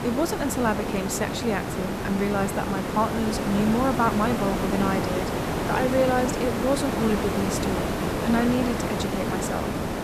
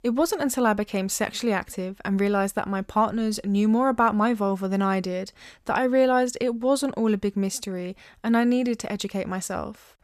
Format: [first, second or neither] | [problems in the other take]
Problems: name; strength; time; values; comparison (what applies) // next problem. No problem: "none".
second | hiss; loud; throughout; 1 dB below the speech